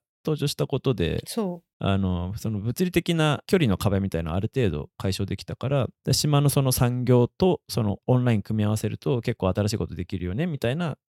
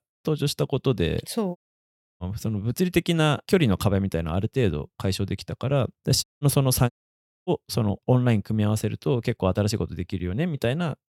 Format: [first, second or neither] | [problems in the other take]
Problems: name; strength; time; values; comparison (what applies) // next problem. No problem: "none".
first | audio cutting out; at 1.5 s for 0.5 s, at 6 s and at 7 s for 0.5 s